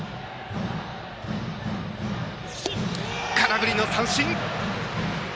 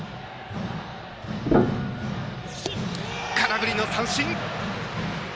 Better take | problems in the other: first | background sound (Piano); as loud as the speech

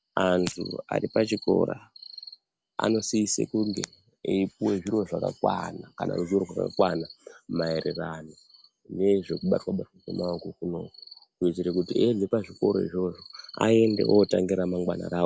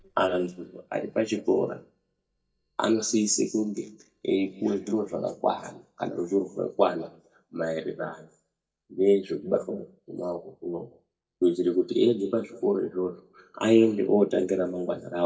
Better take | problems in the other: first | noise reduction (neural mask model DeepFilterNet 3)

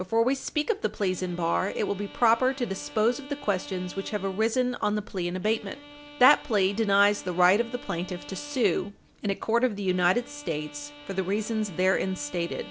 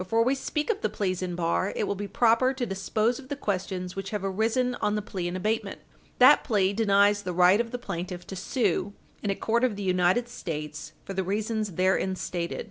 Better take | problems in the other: second | background sound (Bowed string instrument); 19 dB below the speech

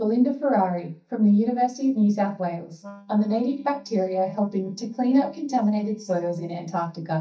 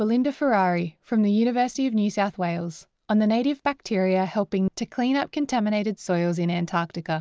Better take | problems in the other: second | noise reduction (neural mask model DeepFilterNet 3)

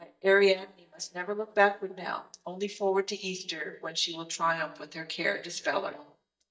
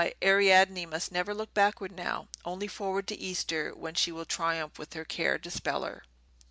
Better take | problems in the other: second | noise reduction (neural mask model DeepFilterNet 3)

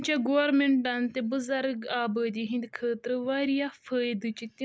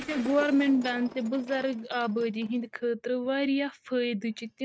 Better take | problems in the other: first | noise reduction (neural mask model RNNoise)

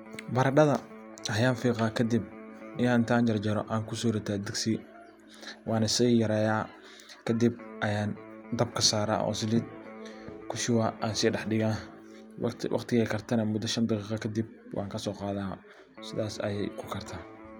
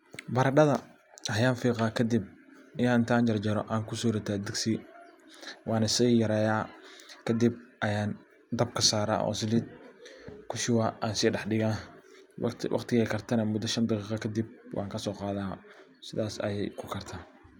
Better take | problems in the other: second | background sound (Electric guitar); 18 dB below the speech

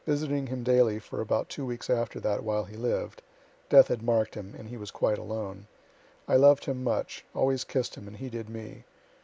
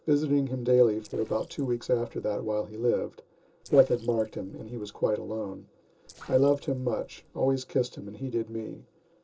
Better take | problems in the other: first | noise reduction (neural separator model SepFormer DNS4)

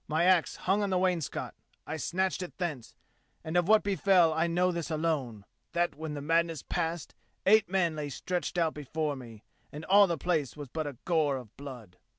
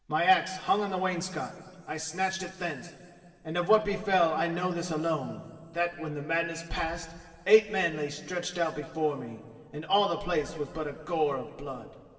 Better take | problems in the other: first | room echo; dies away in 2.2 s

